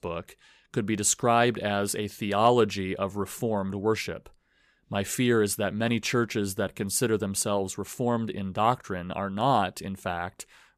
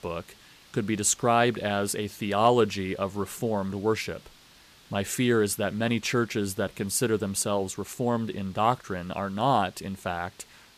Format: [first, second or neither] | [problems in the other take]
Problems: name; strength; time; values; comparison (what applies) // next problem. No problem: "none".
first | hiss; faint; throughout; 25 dB below the speech